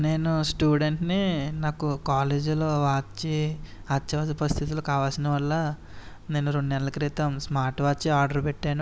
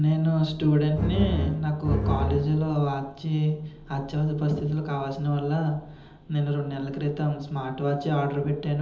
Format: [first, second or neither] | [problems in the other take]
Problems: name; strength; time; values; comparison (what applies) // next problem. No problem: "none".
first | background sound (Bowed string instrument); 1 dB below the speech // room echo; dies away in 1.2 s